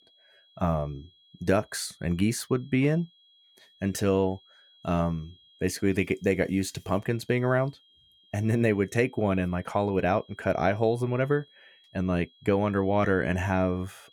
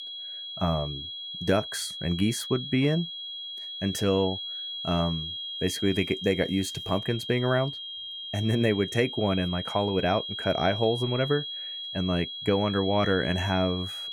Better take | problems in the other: first | high-pitched whine; loud; throughout; 3.5 kHz, 6 dB below the speech; faint in the first

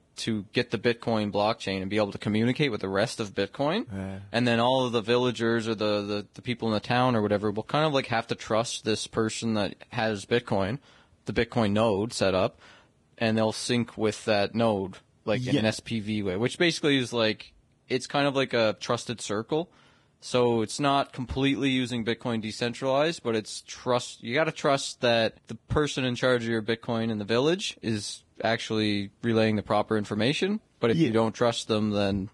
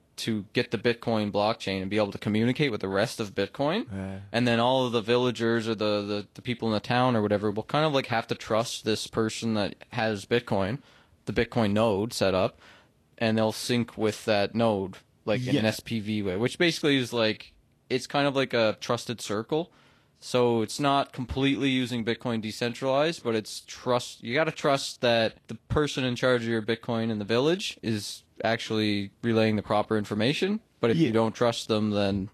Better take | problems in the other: second | garbled, watery; badly; nothing above 10 kHz; slightly in the second

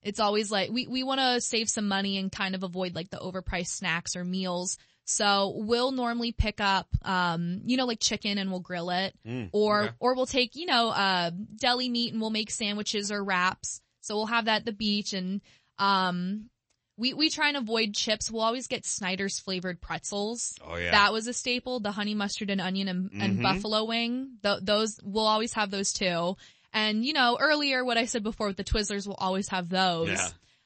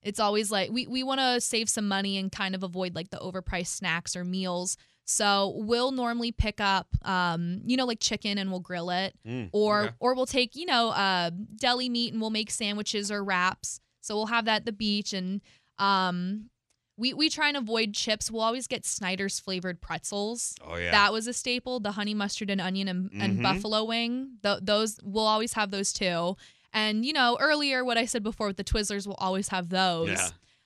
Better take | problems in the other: second | garbled, watery; slightly; nothing above 8 kHz

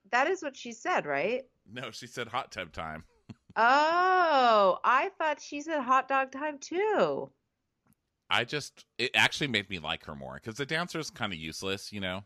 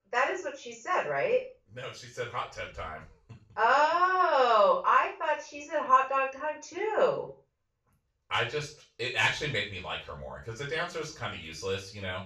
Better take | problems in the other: first | room echo; noticeable; dies away in 0.3 s // off-mic speech; far

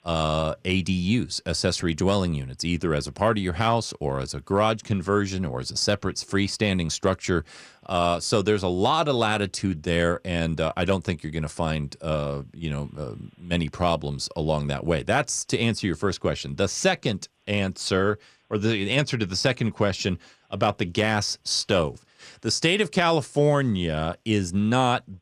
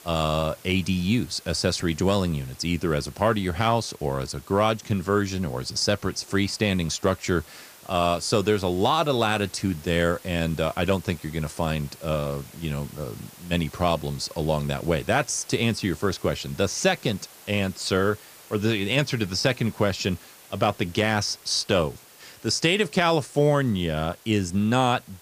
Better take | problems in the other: first | hiss; faint; throughout; 20 dB below the speech

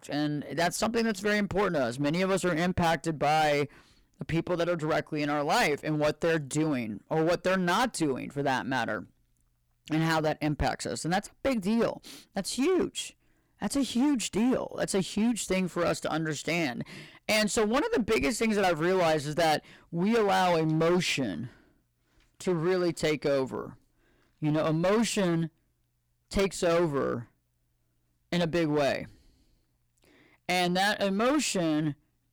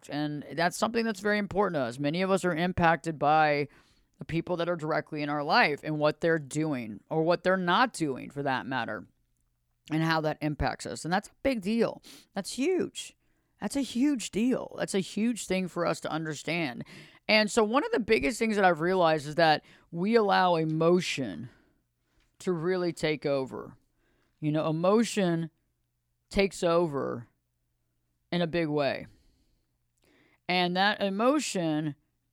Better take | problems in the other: second | distortion; heavy; 12% of the sound clipped

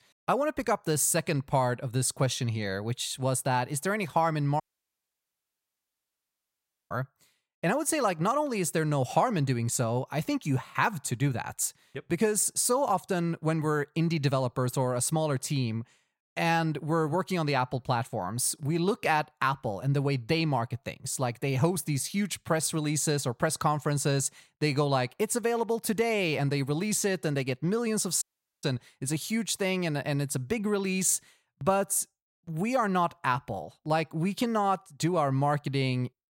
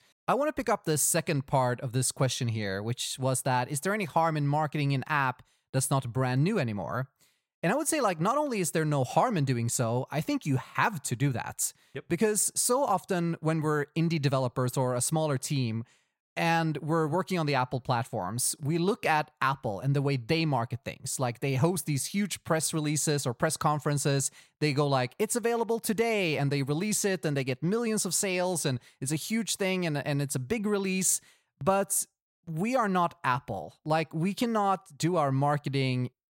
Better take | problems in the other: second | audio cutting out; at 4.5 s for 2.5 s and at 28 s

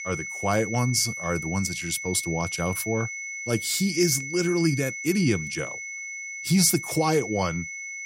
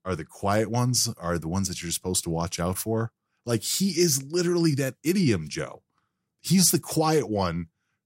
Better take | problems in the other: second | high-pitched whine; loud; throughout; 2 kHz, 7 dB below the speech

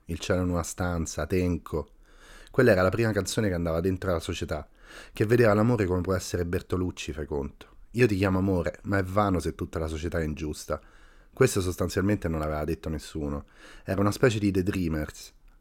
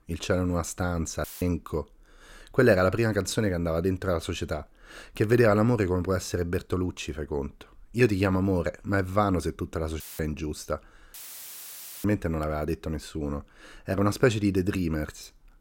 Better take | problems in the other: first | audio cutting out; filled with static; at 1 s, at 10 s and at 11 s for 1 s

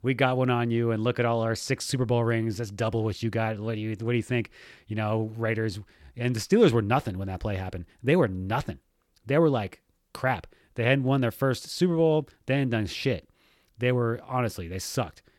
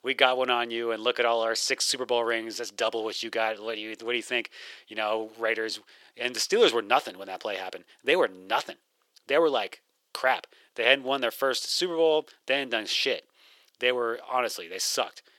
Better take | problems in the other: first | thin; very; fading below 450 Hz

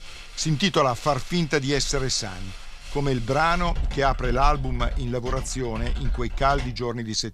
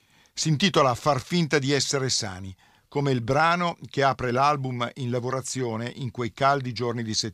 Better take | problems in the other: second | household noises; loud; throughout; 10 dB below the speech

